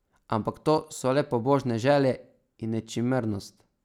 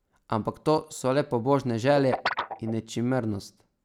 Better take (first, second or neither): first